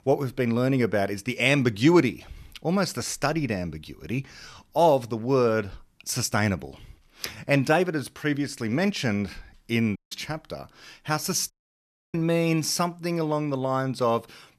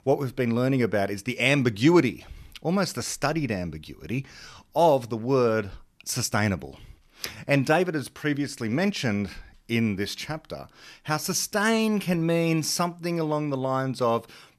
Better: second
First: audio cutting out; at 10 s and at 12 s for 0.5 s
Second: none

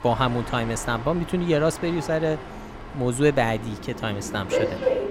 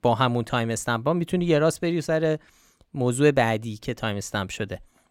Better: second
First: train or aircraft noise; loud; throughout; 7 dB below the speech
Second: none

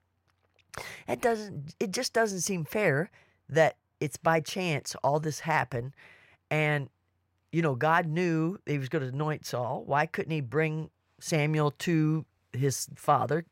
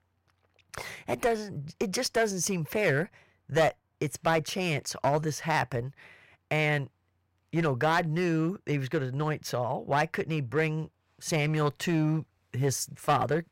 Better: first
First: none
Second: distortion; slight; 5% of the sound clipped

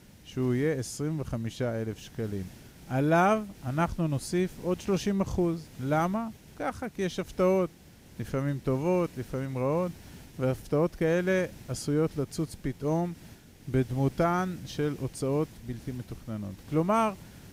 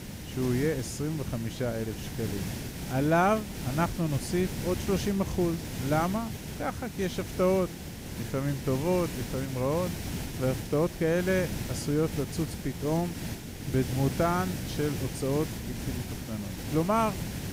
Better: first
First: hiss; faint; throughout; 20 dB below the speech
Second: hiss; loud; throughout; 6 dB below the speech

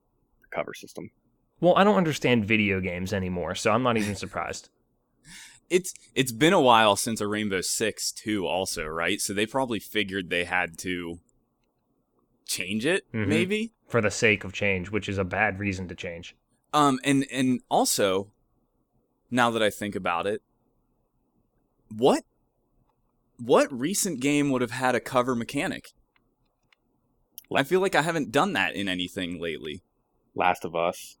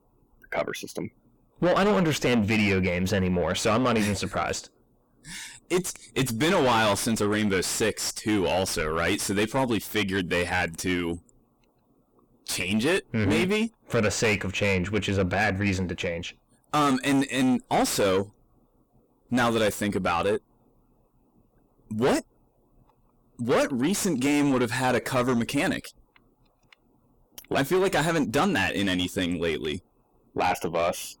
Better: first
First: none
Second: distortion; heavy; 5 dB below the speech

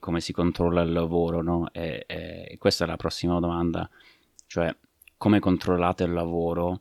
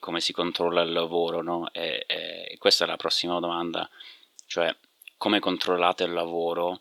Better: first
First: none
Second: thin; somewhat; fading below 450 Hz

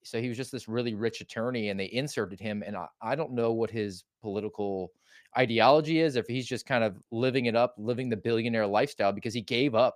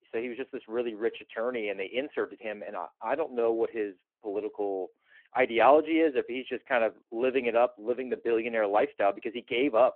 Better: first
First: none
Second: phone-call audio

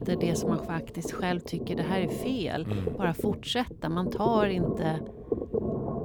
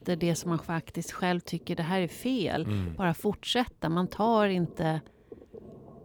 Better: second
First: low rumble; loud; throughout; 4 dB below the speech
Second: low rumble; faint; throughout; 25 dB below the speech

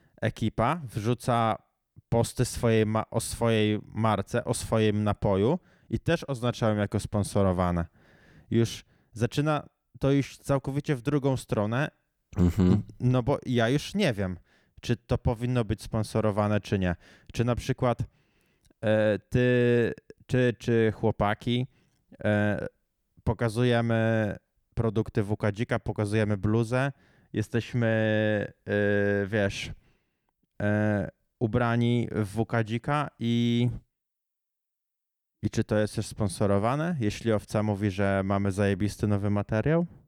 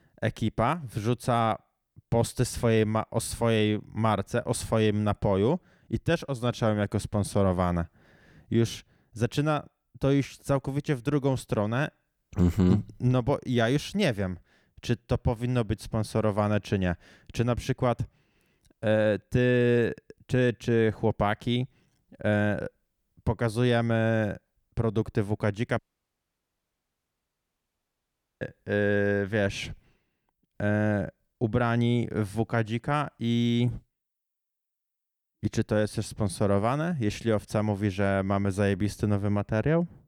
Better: first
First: none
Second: audio cutting out; at 26 s for 2.5 s

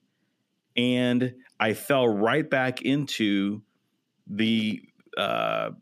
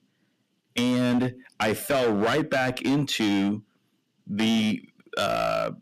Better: first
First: none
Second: distortion; heavy; 13% of the sound clipped

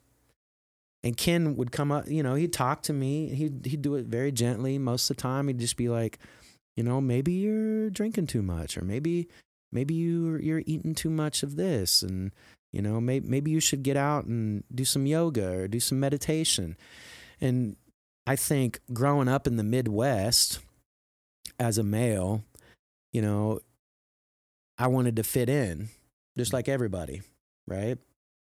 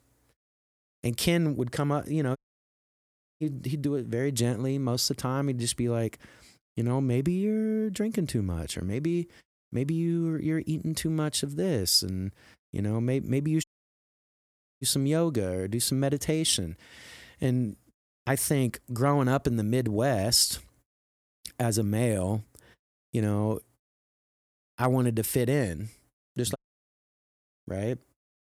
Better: first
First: none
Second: audio cutting out; at 2.5 s for 1 s, at 14 s for 1 s and at 27 s for 1 s

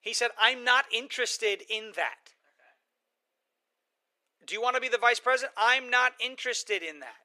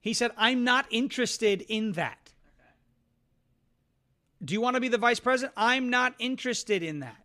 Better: second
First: thin; very; fading below 450 Hz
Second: none

